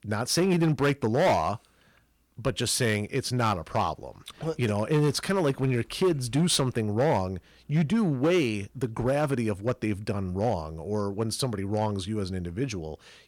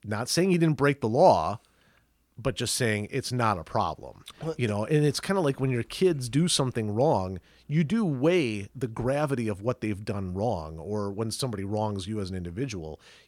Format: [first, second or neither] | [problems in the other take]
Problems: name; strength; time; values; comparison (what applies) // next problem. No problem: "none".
second | distortion; slight; 5% of the sound clipped